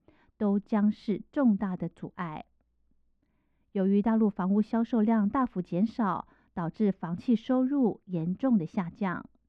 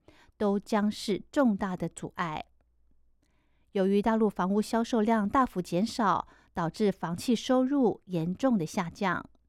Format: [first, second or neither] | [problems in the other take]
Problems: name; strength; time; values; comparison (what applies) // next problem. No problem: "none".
second | muffled; slightly; fading above 2.5 kHz